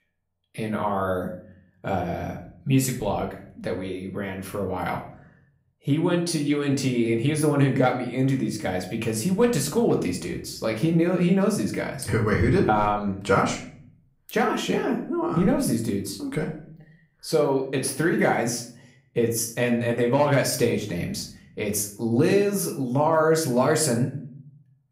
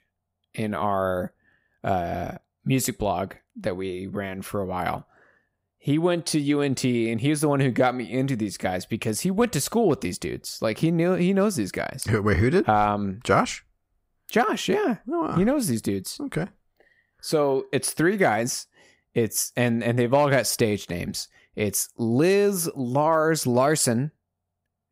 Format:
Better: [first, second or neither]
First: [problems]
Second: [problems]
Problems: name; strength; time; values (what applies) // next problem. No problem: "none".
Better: second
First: room echo; slight; dies away in 0.5 s // off-mic speech; somewhat distant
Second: none